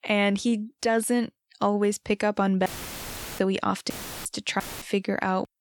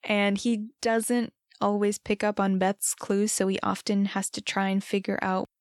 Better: second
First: audio cutting out; filled with static; at 2.5 s for 0.5 s, at 4 s and at 4.5 s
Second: none

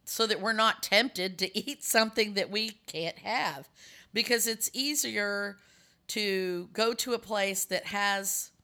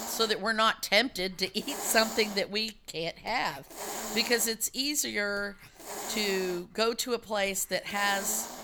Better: first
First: none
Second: hiss; loud; throughout; 10 dB below the speech

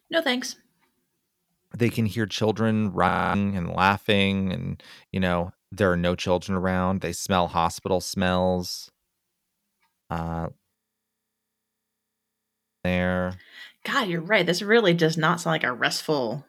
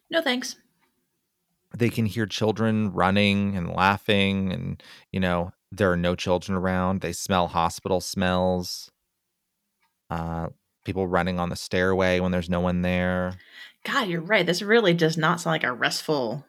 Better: second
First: audio freezing; at 3 s and at 11 s for 2 s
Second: none

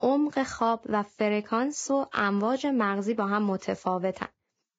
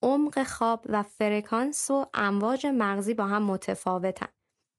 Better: second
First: garbled, watery; badly; nothing above 7.5 kHz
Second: garbled, watery; slightly; nothing above 11 kHz

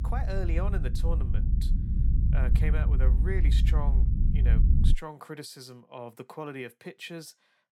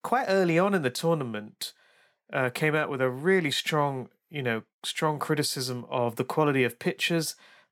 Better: second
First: low rumble; loud; until 5 s; 4 dB below the speech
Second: none

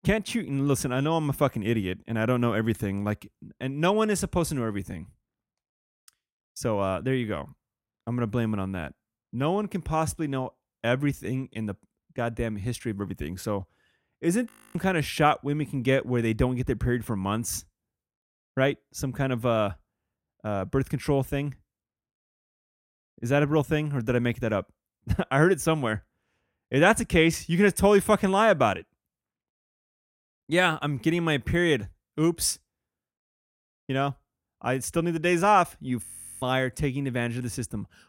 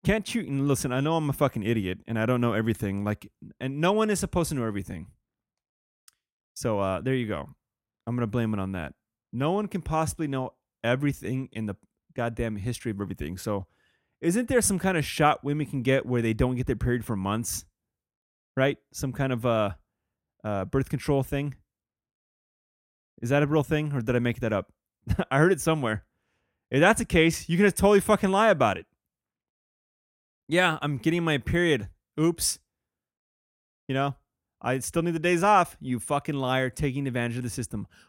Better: second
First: audio freezing; at 14 s and at 36 s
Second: none

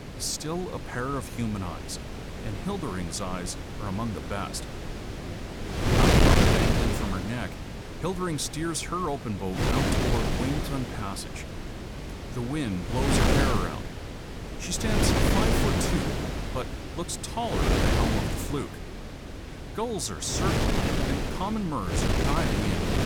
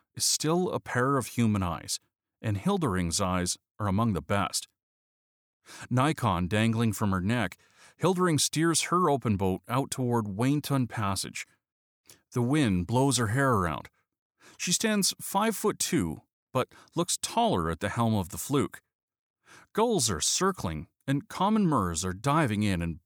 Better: second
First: wind noise on the microphone; heavy; 2 dB above the speech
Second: none

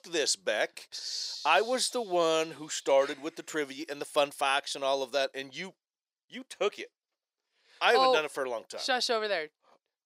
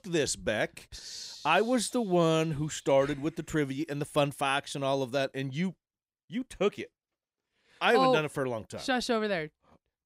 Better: second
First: thin; somewhat; fading below 500 Hz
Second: none

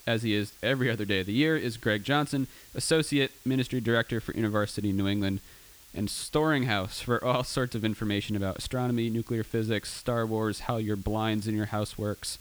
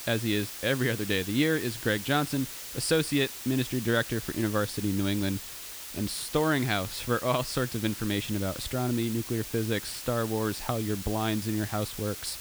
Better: first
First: hiss; faint; throughout; 20 dB below the speech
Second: hiss; loud; throughout; 9 dB below the speech

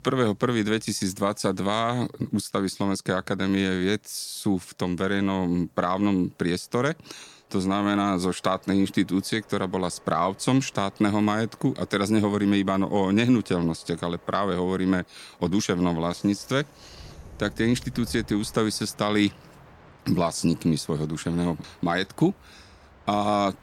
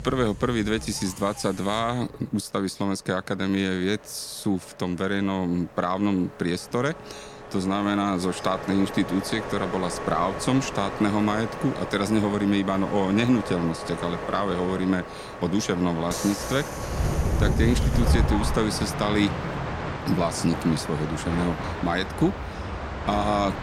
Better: first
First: train or aircraft noise; faint; throughout; 25 dB below the speech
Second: train or aircraft noise; loud; throughout; 5 dB below the speech

